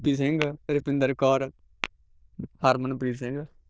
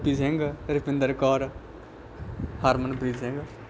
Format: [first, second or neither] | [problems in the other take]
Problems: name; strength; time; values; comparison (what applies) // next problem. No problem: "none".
second | noise reduction (neural diffusion model UNIVERSE++)